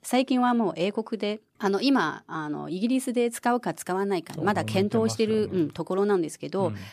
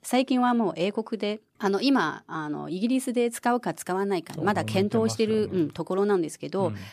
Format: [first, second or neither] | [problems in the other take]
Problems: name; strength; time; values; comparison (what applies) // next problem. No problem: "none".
neither | none